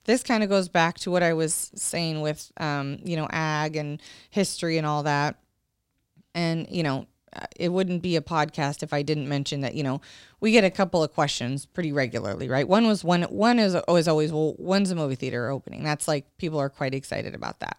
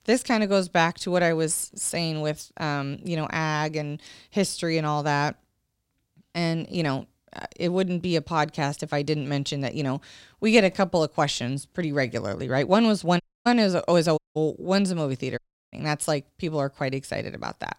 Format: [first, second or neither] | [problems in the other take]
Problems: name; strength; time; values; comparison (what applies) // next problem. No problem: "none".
first | audio cutting out; at 13 s, at 14 s and at 15 s